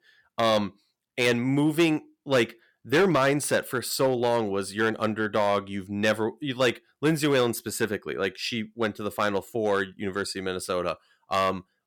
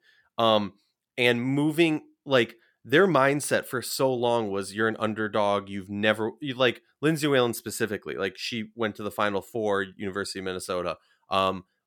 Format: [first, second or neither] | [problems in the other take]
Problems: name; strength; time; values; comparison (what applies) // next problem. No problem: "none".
second | distortion; slight; 3% of the sound clipped